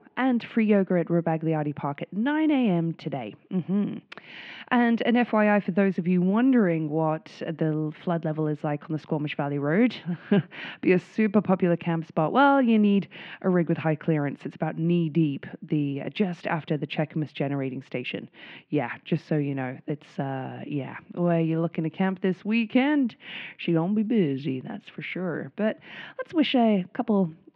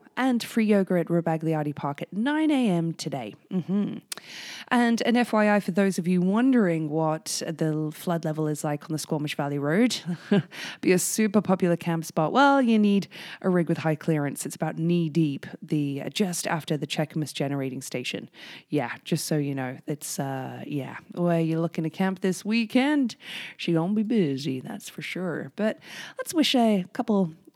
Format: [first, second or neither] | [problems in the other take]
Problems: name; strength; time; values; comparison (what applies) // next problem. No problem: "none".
second | muffled; very; fading above 3 kHz